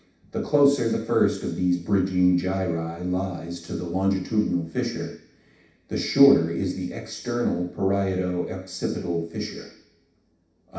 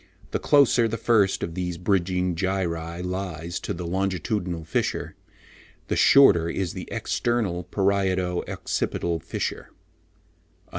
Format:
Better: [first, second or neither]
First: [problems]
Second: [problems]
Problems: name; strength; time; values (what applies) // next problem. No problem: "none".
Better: second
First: room echo; dies away in 0.7 s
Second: none